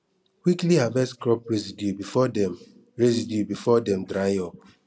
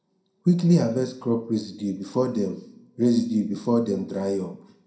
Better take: first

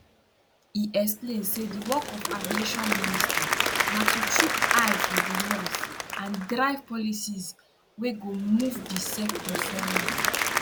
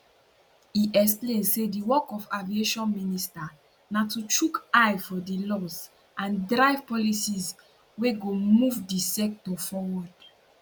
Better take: second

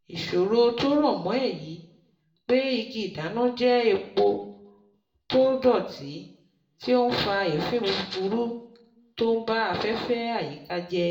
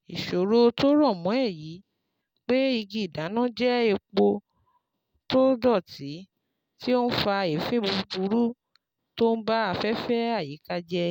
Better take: second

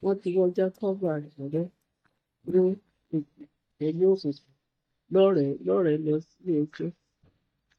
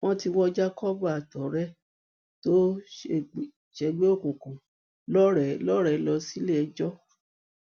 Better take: second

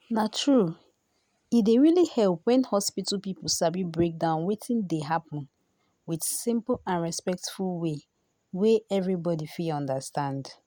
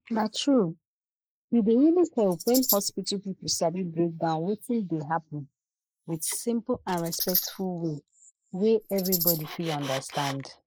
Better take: first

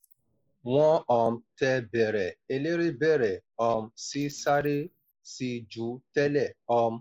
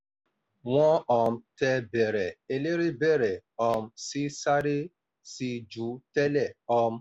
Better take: second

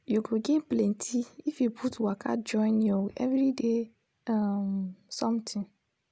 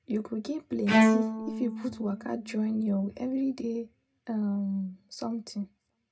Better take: first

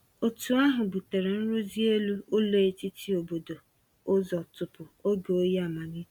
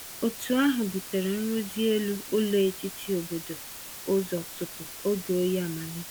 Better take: first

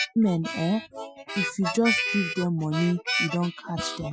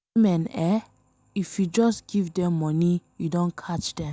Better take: second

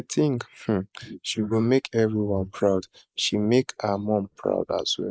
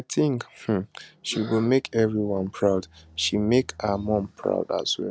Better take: second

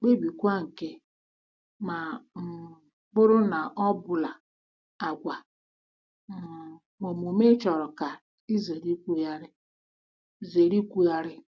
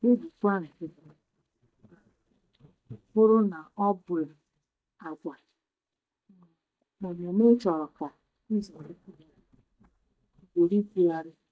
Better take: first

